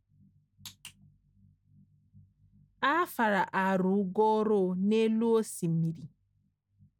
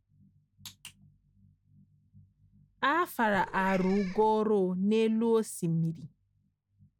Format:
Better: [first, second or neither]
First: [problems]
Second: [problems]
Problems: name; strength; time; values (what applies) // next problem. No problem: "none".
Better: first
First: none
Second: background sound (Meow / Purr); 13 dB below the speech